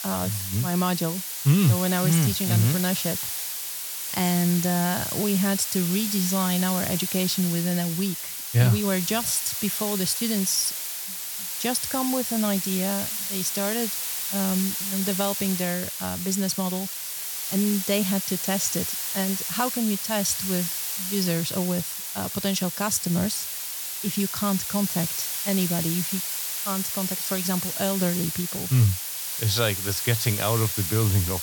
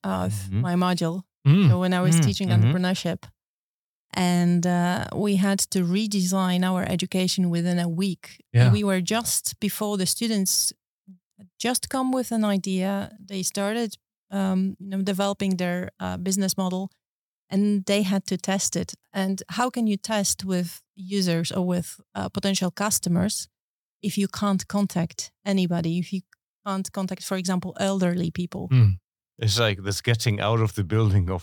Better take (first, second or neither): second